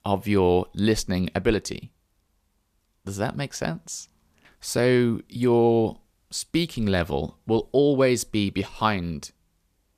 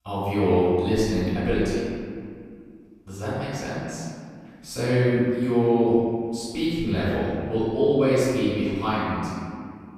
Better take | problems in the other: first | off-mic speech; far // room echo; strong; dies away in 2.1 s

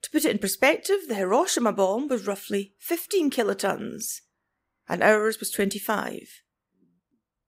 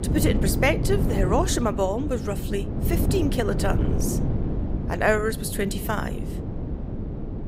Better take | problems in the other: first | wind noise on the microphone; heavy; 9 dB below the speech

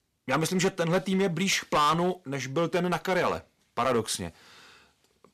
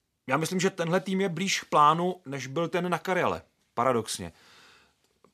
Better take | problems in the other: second | distortion; heavy; 5% of the sound clipped

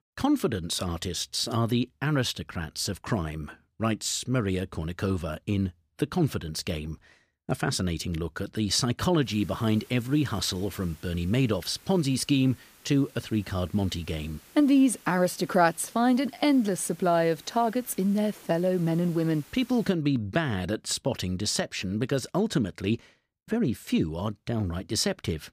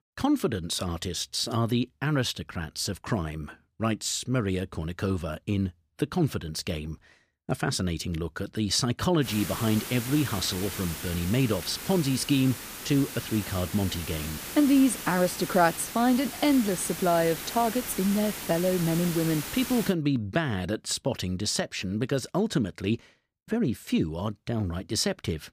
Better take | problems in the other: first | hiss; loud; from 9.5 to 20 s; 8 dB below the speech; faint in the first

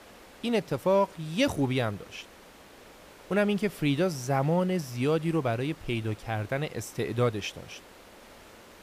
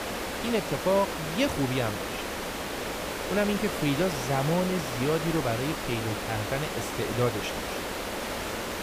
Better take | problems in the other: first | hiss; loud; throughout; 3 dB below the speech; faint in the first

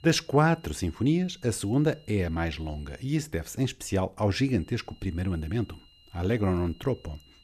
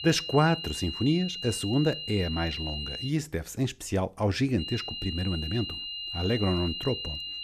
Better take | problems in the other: first | high-pitched whine; loud; until 3 s and from 4.5 s on; 3 kHz, 5 dB below the speech; faint in the first

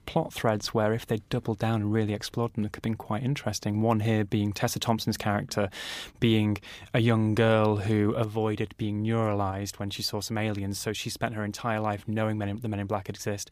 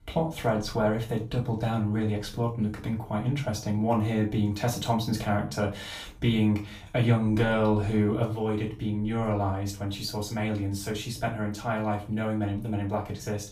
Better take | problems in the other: first | off-mic speech; far // room echo; slight; dies away in 0.3 s

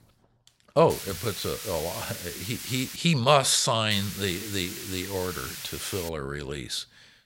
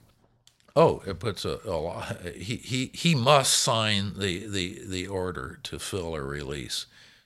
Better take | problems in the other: second | hiss; loud; from 1 to 3 s and from 4 to 6 s; 9 dB below the speech

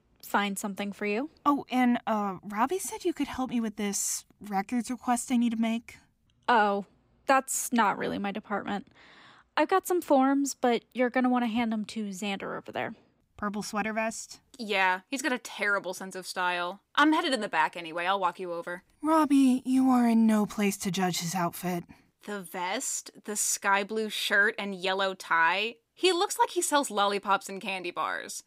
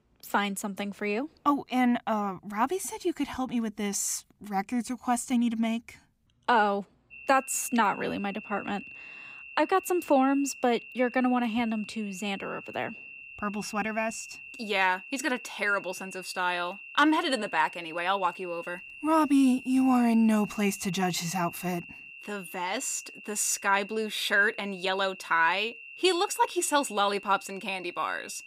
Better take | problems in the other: first | high-pitched whine; noticeable; from 7 s on; 2.5 kHz, 15 dB below the speech

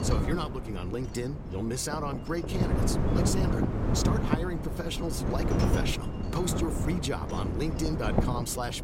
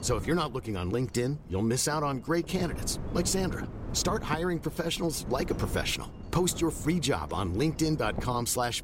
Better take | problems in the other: second | wind noise on the microphone; heavy; 1 dB below the speech; occasional gusts in the second

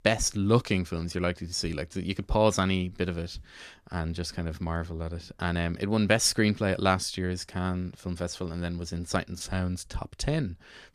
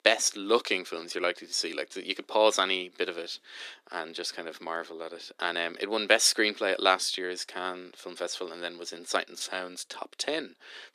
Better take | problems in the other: first | thin; very; fading below 300 Hz

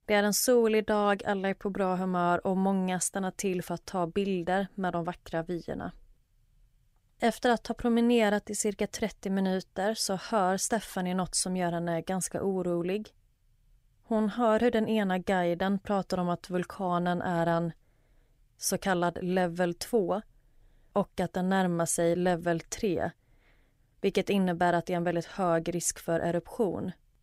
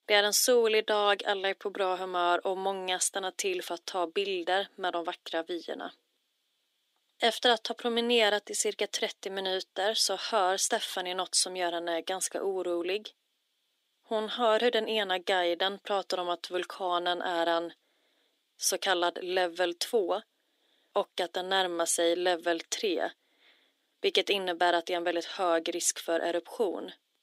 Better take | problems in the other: first | thin; somewhat; fading below 300 Hz

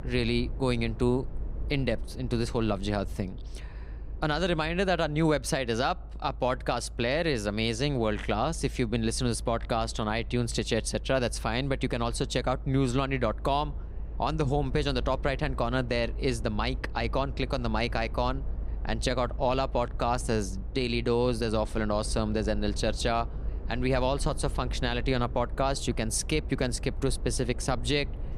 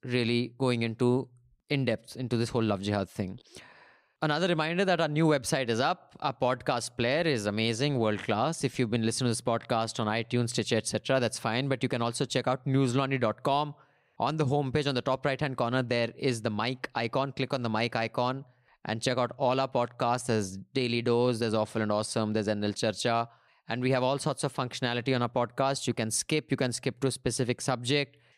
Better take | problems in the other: second | low rumble; faint; throughout; 20 dB below the speech

